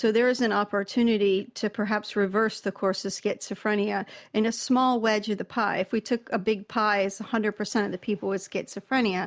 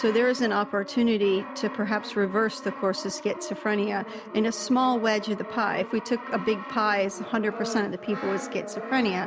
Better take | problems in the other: first | background sound (Brass instrument); 11 dB below the speech

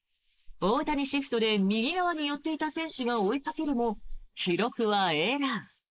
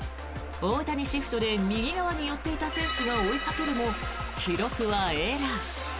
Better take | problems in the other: second | noise reduction (neural mask model Resemble Enhance denoiser)

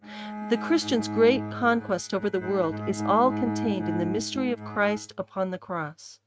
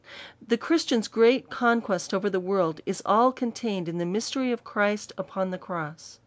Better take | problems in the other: second | noise reduction (neural mask model RNNoise)

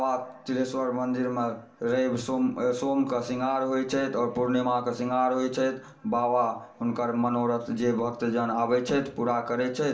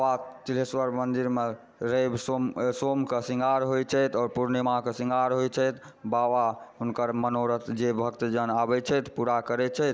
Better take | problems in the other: second | room echo; dies away in 0.4 s

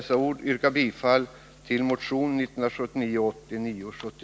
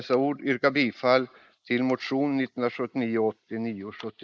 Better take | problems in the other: first | noise reduction (neural mask model Resemble Enhance denoiser)

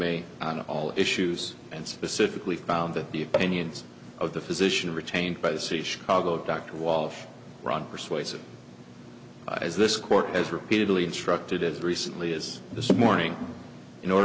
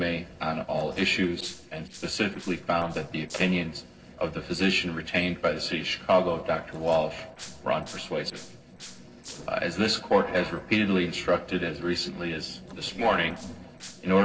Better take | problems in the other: first | noise reduction (neural separator model SepFormer DNS4)

